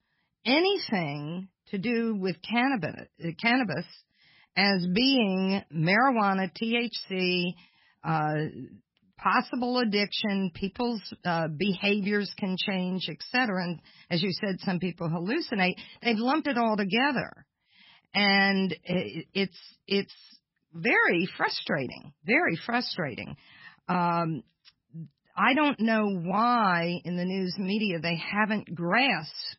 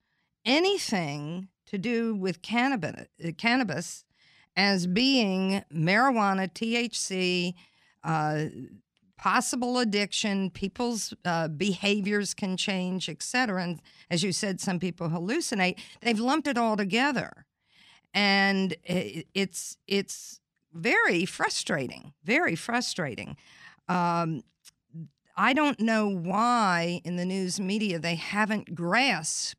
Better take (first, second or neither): second